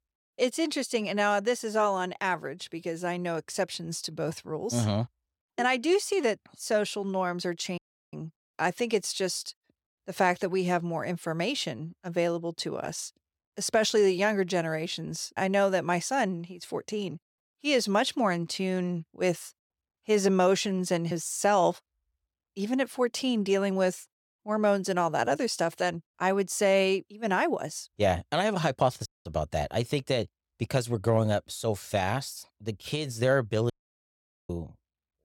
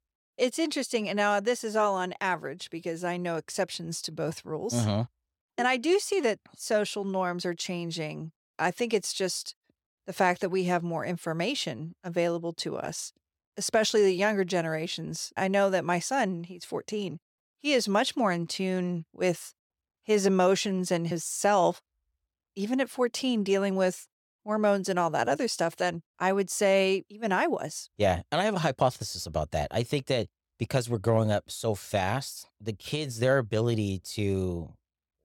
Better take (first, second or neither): second